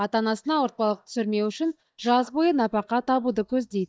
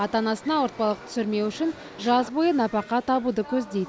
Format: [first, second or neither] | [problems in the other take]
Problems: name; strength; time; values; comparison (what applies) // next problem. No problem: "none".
second | noise reduction (neural mask model DeepFilterNet 3)